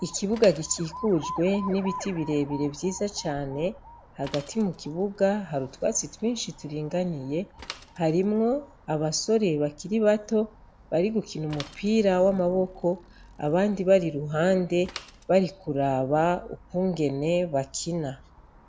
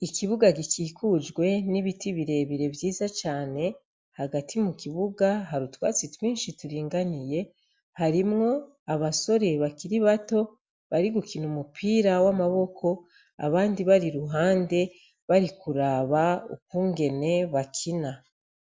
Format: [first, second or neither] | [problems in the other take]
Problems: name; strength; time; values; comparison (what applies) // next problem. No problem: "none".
second | background sound (Mechanisms / Bicycle + Alarm); 18 dB below the speech